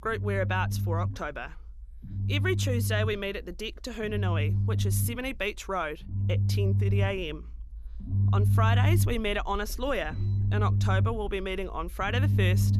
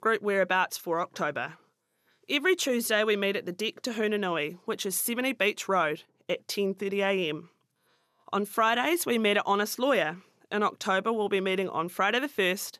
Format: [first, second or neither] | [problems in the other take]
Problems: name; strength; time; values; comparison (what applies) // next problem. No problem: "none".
second | low rumble; loud; throughout; 10 dB below the speech